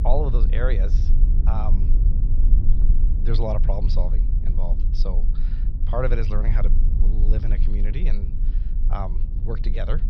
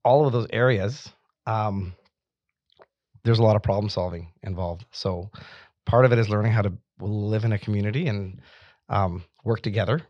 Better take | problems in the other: second | low rumble; loud; throughout; 10 dB below the speech

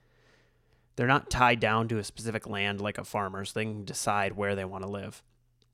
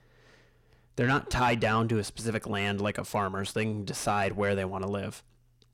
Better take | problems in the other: first | distortion; heavy; 7 dB below the speech

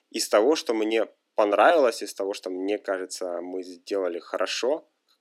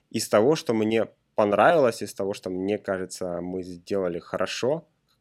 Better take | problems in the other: second | thin; very slightly; fading below 300 Hz

